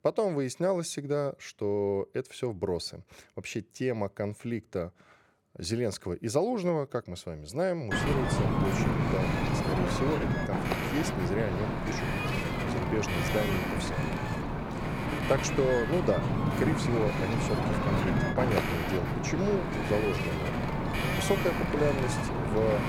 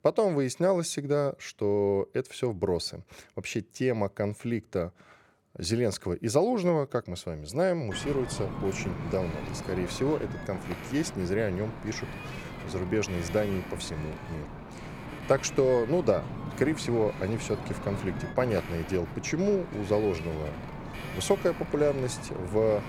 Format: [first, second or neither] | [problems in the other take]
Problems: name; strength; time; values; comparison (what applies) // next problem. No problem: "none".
second | wind noise on the microphone; heavy; from 8 s on; 1 dB above the speech; occasional gusts in the second